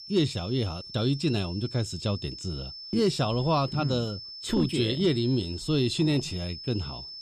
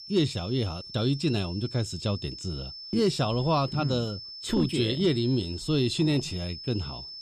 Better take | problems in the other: neither | high-pitched whine; noticeable; throughout; 5.5 kHz, 10 dB below the speech; the same in both

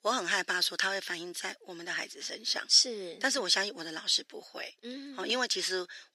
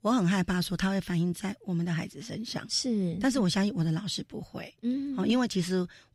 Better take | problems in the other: second | thin; very; fading below 350 Hz

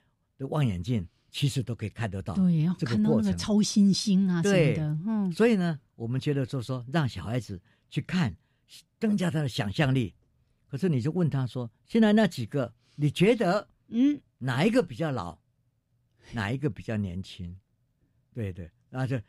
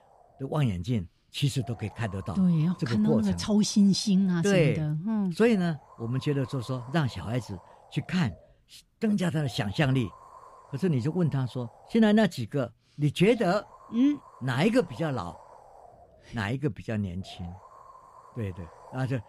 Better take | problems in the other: first | wind noise on the microphone; occasional gusts; 20 dB below the speech

